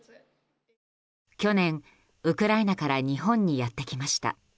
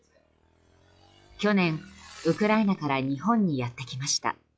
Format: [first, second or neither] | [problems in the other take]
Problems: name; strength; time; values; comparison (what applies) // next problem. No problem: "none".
first | noise reduction (classical method log-MMSE)